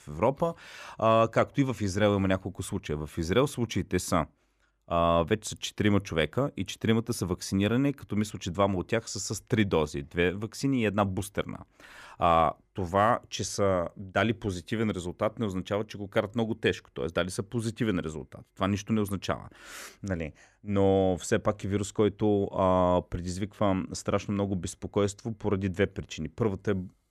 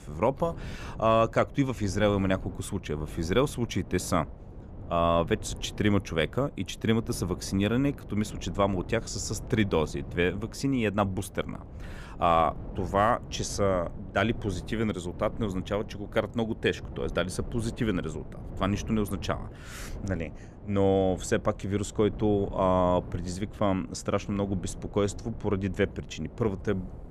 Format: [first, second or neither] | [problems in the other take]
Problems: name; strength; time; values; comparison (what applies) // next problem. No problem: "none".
first | wind noise on the microphone; occasional gusts; 20 dB below the speech